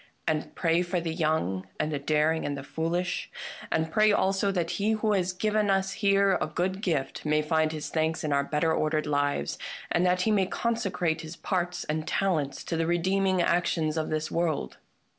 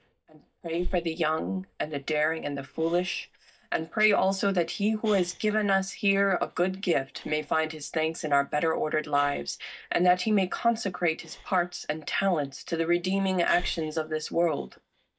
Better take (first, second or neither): first